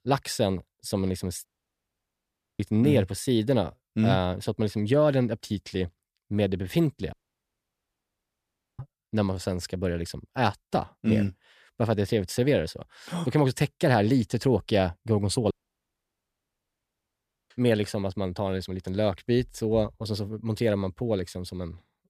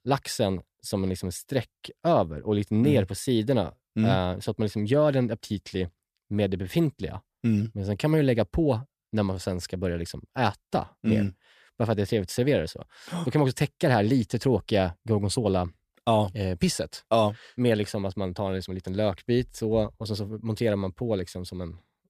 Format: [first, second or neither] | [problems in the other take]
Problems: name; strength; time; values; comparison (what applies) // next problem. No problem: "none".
second | audio cutting out; at 1.5 s for 1 s, at 7 s for 1.5 s and at 16 s for 2 s